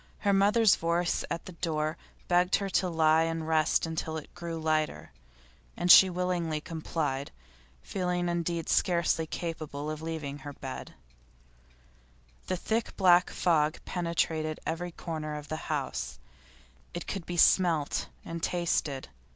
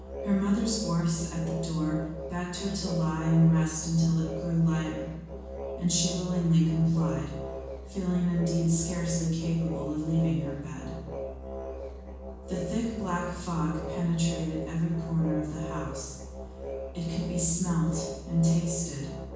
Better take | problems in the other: first | background sound (Musical instrument); 9 dB below the speech // room echo; dies away in 1.2 s

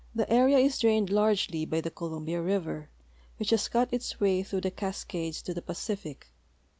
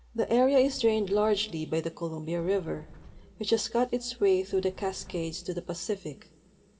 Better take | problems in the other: first | background sound (Sliding door); 20 dB below the speech // room echo; dies away in 1.7 s

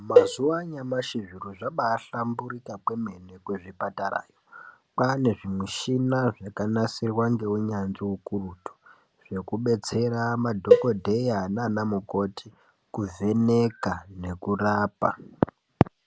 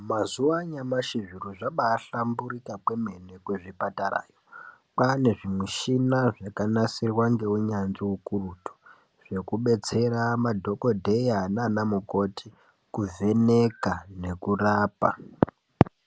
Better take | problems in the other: second | background sound (Cowbell); 3 dB above the speech

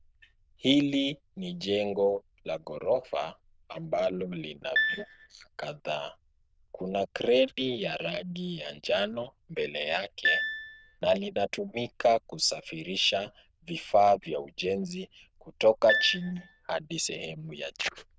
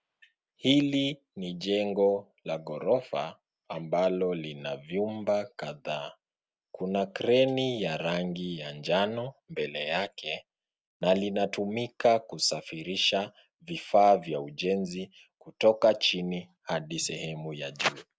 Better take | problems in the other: second | noise reduction (neural diffusion model UNIVERSE++)

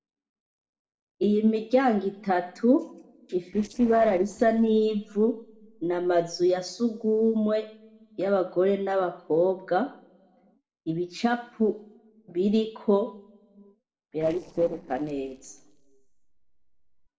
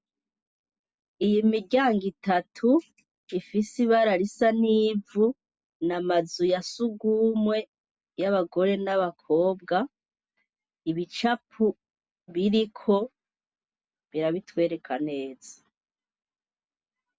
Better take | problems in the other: second | noise reduction (neural separator model SepFormer DNS4)

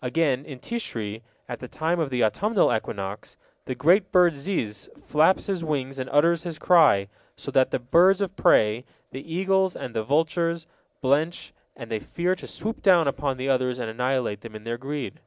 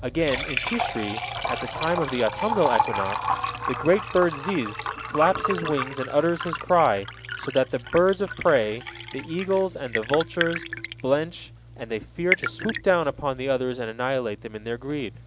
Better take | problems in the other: first | background sound (Liquid); 6 dB below the speech

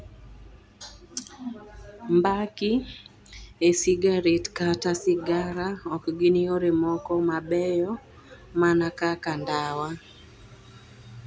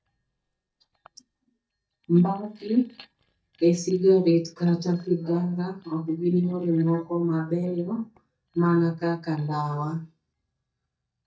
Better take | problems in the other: first | noise reduction (neural mask model DeepFilterNet 3)

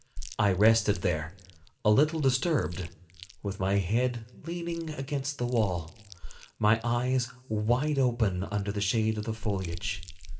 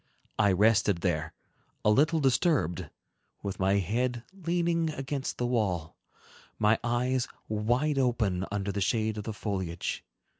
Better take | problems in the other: second | background sound (Chewing, mastication); 13 dB below the speech // room echo; dies away in 0.5 s

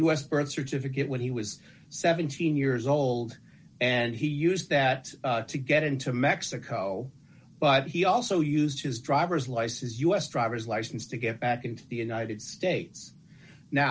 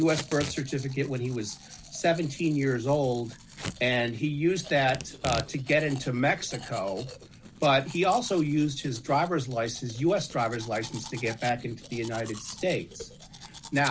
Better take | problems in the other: first | background sound (Domestic sounds, home sounds + Packing tape, duct tape / Tearing); 15 dB below the speech

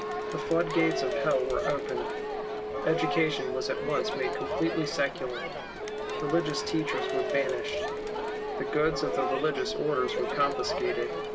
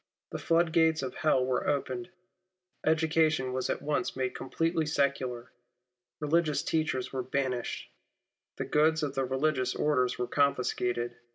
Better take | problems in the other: second | background sound (Crowd + Telephone); 1 dB below the speech

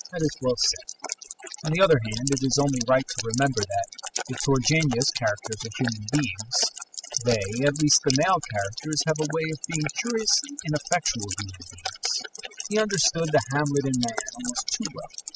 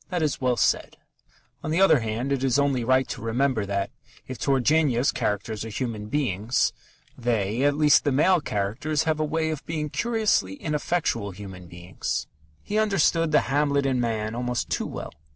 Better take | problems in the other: second | noise reduction (classical method spectral subtraction)

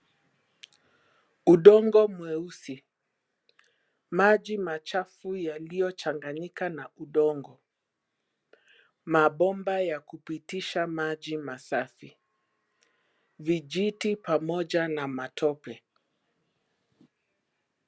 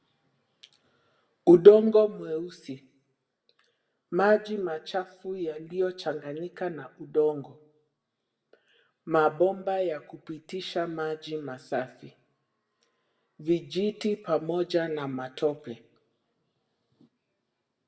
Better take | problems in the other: first | room echo; dies away in 0.5 s

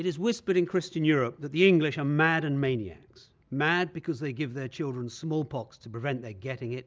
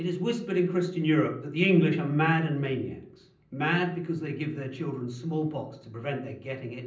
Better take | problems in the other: first | room echo; dies away in 0.6 s

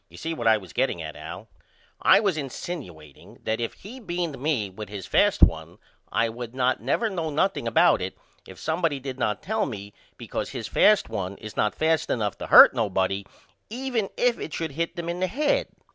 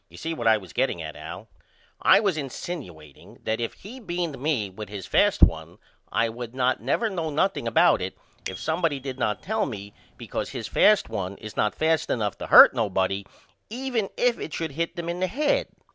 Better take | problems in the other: first | background sound (Bicycle bell); 19 dB below the speech

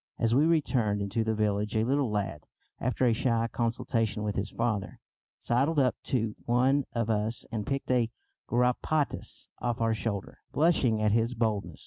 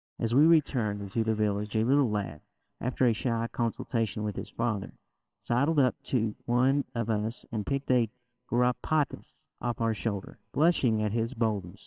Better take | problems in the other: first | noise reduction (neural separator model SepFormer WHAMR!)

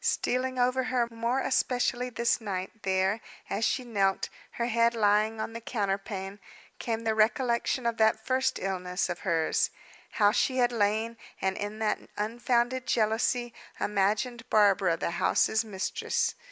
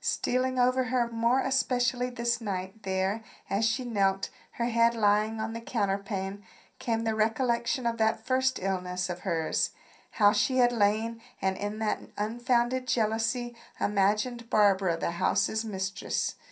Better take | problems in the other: first | room echo; dies away in 0.3 s

